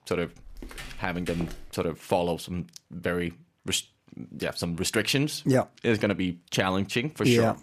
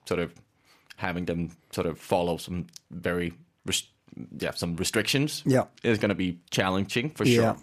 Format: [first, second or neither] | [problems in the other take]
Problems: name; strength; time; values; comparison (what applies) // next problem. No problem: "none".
second | footsteps; faint; until 1.5 s; peak 10 dB below the speech